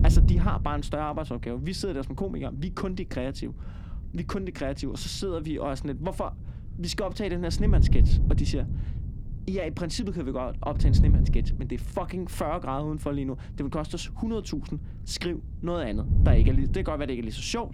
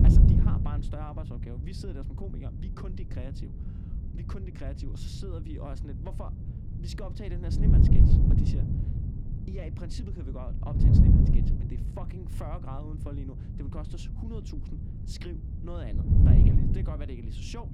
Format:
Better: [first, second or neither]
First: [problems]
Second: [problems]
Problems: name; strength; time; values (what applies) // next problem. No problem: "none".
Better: first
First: wind noise on the microphone; occasional gusts; 10 dB below the speech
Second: wind noise on the microphone; heavy; 4 dB above the speech